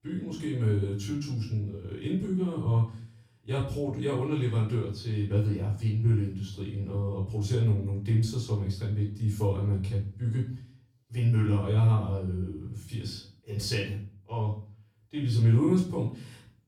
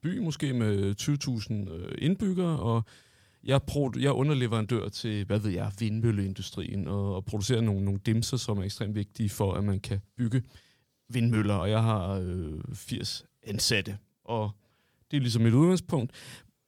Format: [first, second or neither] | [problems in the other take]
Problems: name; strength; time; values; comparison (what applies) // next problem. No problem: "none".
second | off-mic speech; far // room echo; slight; dies away in 0.4 s